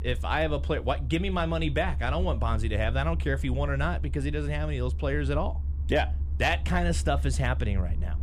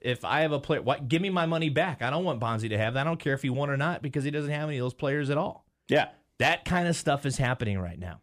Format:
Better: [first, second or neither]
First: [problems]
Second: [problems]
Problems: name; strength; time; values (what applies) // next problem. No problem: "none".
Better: second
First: low rumble; noticeable; throughout; 20 dB below the speech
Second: none